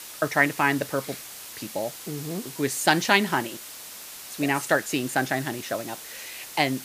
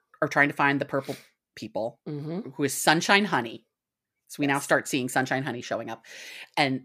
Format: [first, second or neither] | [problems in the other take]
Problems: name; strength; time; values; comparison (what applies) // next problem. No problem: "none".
second | hiss; noticeable; throughout; 10 dB below the speech